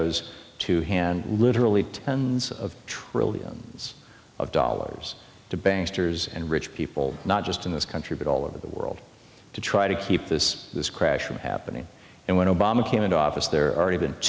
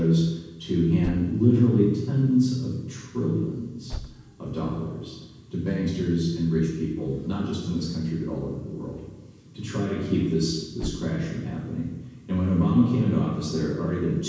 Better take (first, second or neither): first